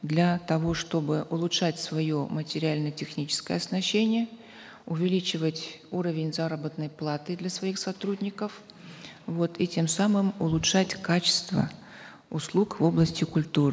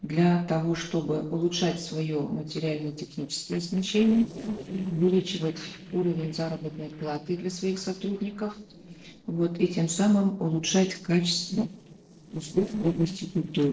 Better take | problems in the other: first | noise reduction (neural separator model SepFormer DNS4)

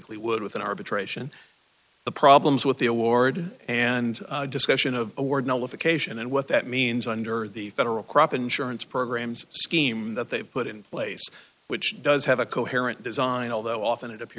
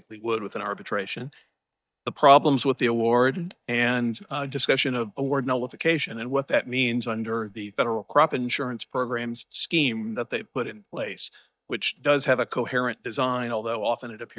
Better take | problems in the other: first | noise reduction (neural mask model DeepFilterNet 3)

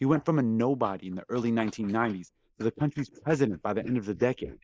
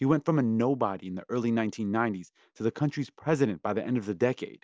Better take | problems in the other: second | noise reduction (neural mask model Resemble Enhance denoiser)

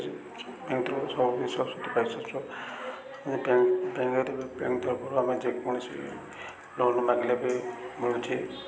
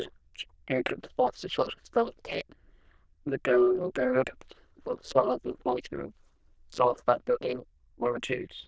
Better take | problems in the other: first | noise reduction (neural diffusion model UNIVERSE++)

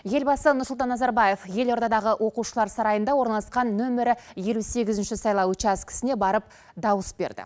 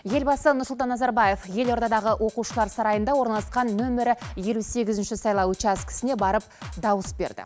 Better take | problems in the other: first | background sound (Drum kit); 16 dB below the speech

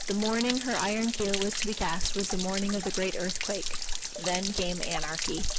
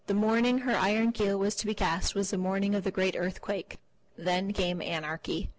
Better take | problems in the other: second | background sound (Stream / Trickle, dribble / Splash, splatter); 1 dB below the speech

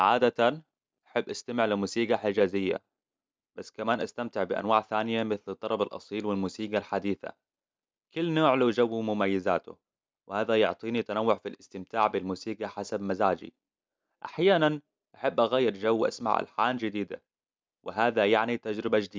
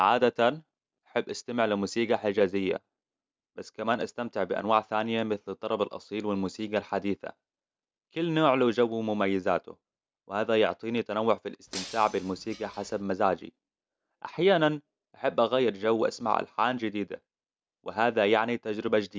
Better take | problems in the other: first | background sound (Shatter); 15 dB below the speech

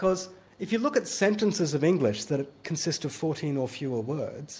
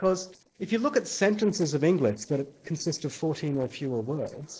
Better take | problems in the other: first | noise reduction (neural separator model SepFormer DNS4)

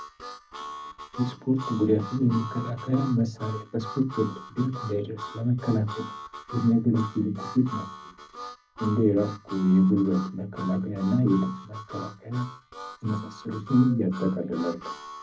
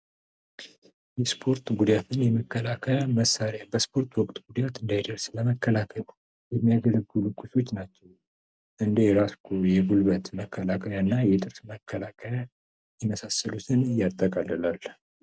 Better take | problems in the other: second | background sound (Harmonica); 13 dB below the speech // room echo; dies away in 0.4 s

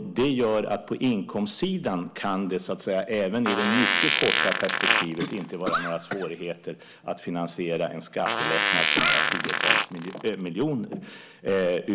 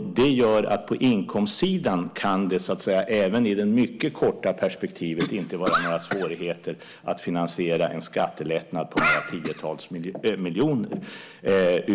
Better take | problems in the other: second | background sound (Fart); 1 dB above the speech

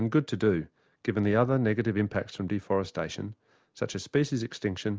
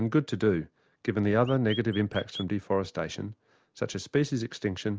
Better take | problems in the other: first | background sound (Chirp, tweet); 14 dB below the speech

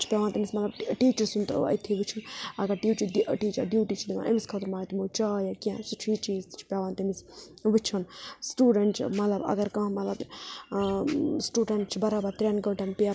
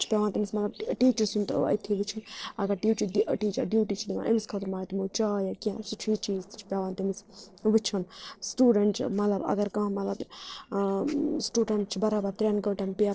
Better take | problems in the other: first | noise reduction (neural separator model SepFormer DNS4)

